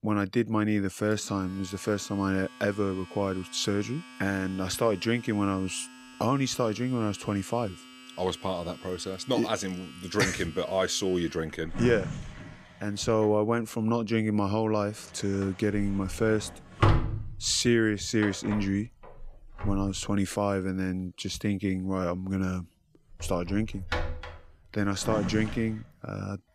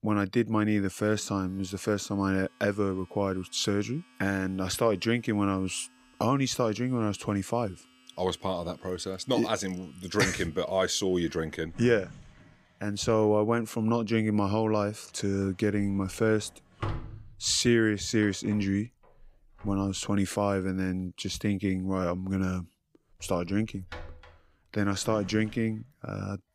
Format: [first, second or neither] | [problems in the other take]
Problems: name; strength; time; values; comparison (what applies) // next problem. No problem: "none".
second | household noises; loud; throughout; 10 dB below the speech; faint in the second